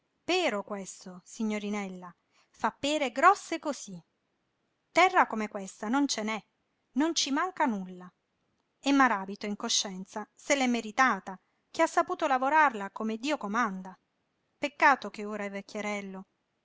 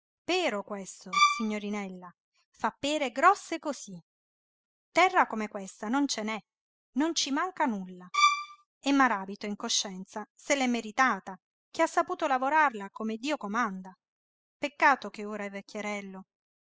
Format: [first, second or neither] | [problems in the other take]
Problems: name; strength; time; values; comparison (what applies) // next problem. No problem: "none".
first | noise reduction (classical method spectral subtraction)